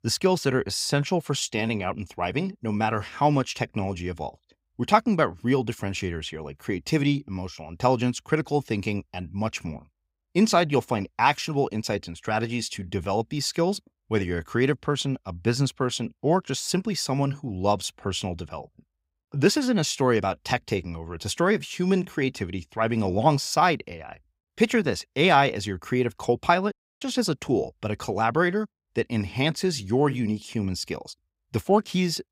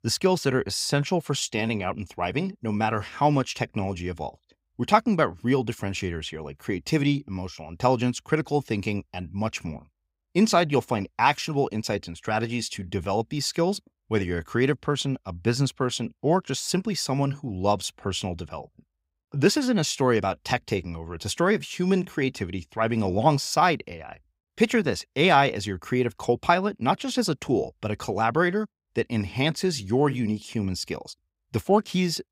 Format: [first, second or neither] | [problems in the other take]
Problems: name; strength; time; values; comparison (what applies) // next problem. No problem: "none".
second | audio cutting out; at 27 s